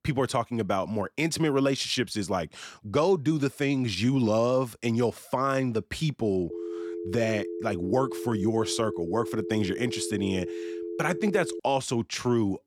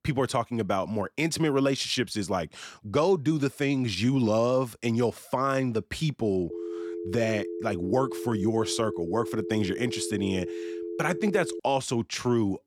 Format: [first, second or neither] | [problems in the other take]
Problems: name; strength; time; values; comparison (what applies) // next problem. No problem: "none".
neither | phone ringing; noticeable; from 6.5 to 12 s; peak 7 dB below the speech; the same in both